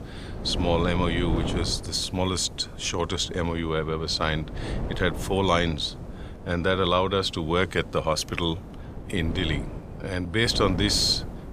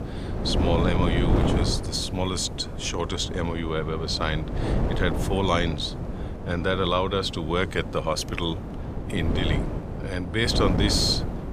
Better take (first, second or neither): first